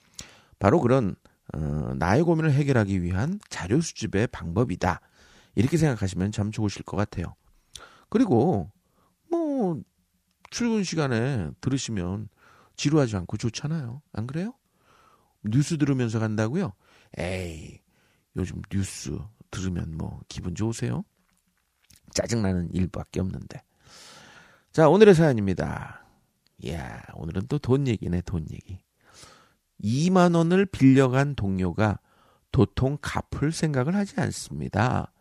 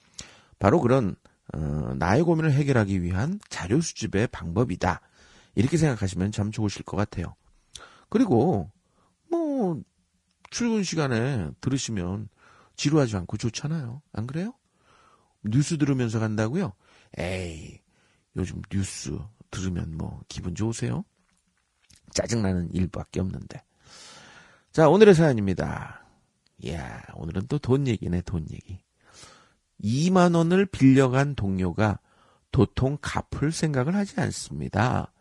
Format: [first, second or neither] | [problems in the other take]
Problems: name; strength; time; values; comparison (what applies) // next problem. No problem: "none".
first | garbled, watery; slightly; nothing above 10.5 kHz